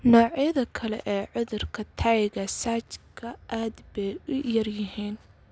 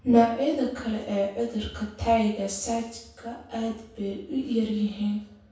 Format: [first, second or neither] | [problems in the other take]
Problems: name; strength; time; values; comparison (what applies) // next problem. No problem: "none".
first | room echo; dies away in 0.6 s